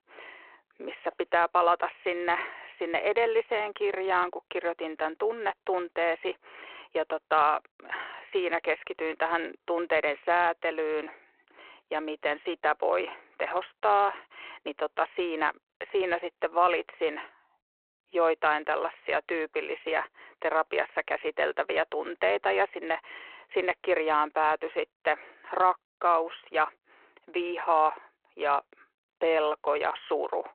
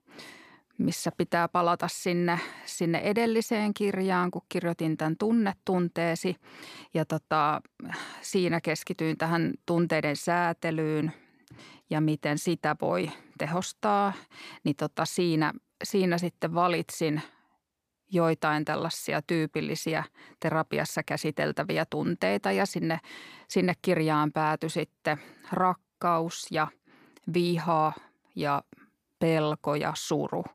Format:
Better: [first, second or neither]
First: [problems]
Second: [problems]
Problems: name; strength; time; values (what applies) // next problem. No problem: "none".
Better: second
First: phone-call audio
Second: none